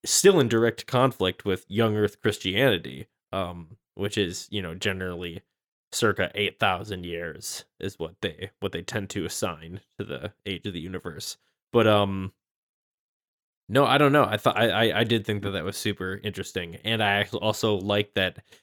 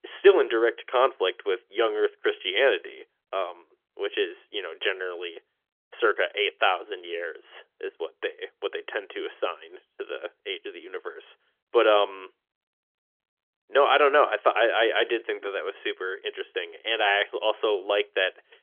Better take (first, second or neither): first